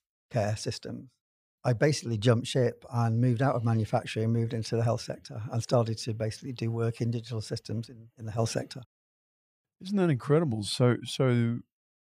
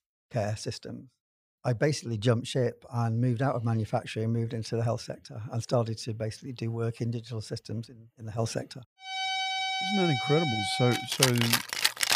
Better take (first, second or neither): first